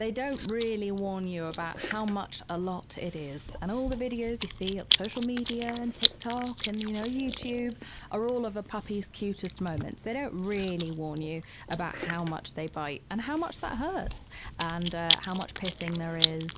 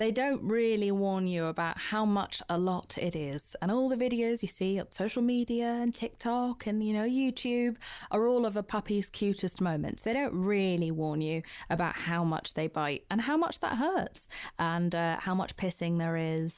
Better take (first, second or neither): second